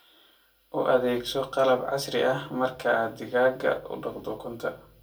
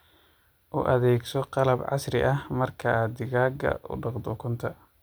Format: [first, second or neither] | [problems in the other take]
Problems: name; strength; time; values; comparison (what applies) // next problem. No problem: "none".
second | room echo; dies away in 0.2 s